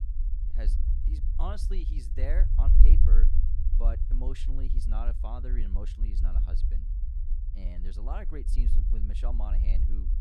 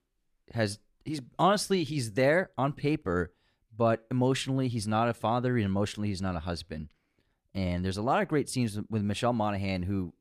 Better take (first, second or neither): second